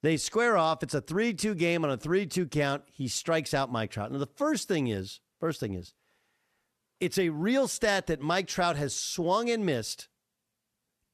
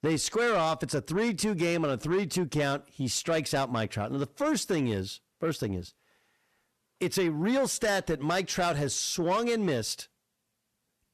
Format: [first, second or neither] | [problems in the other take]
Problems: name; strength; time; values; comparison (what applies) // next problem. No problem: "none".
first | distortion; slight; 10 dB below the speech